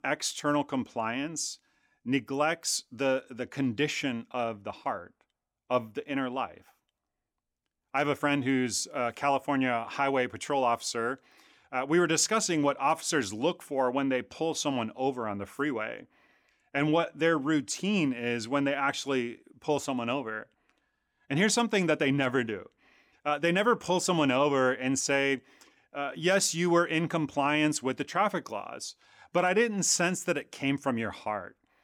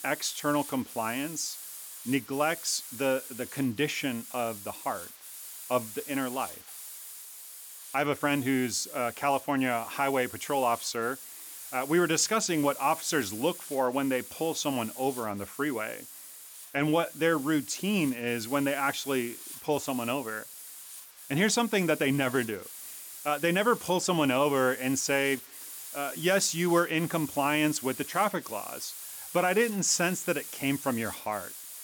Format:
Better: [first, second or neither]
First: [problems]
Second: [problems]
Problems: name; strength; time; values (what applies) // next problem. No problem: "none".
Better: first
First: none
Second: hiss; noticeable; throughout; 10 dB below the speech